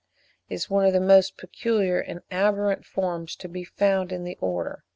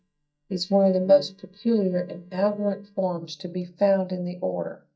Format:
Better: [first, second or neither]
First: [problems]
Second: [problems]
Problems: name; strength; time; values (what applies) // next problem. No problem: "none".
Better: first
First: none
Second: noise reduction (neural mask model DeepFilterNet 3)